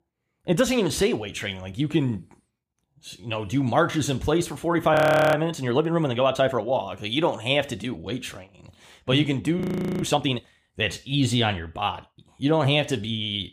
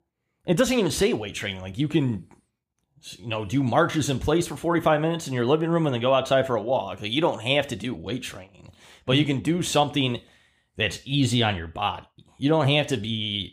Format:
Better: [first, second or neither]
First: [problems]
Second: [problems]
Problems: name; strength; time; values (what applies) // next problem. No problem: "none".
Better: second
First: audio freezing; at 5 s and at 9.5 s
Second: none